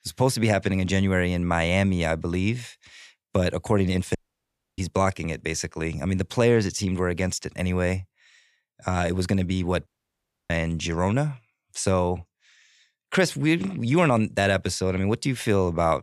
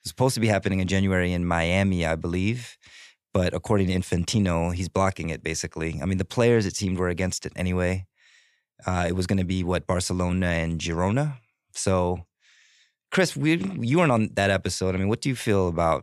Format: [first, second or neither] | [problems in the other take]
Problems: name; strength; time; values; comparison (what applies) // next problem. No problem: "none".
second | audio cutting out; at 4 s for 0.5 s and at 10 s for 0.5 s